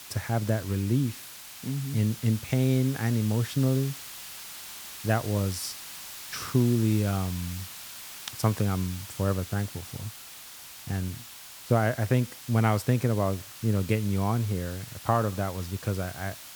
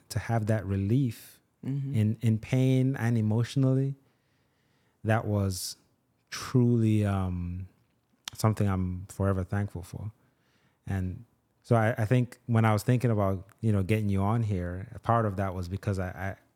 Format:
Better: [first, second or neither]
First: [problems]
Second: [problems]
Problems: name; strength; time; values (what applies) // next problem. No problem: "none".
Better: second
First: hiss; noticeable; throughout; 10 dB below the speech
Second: none